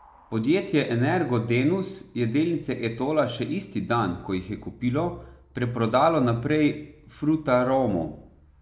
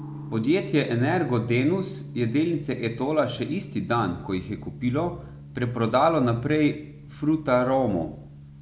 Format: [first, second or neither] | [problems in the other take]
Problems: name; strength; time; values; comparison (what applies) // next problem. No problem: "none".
first | background sound (Gong); 15 dB below the speech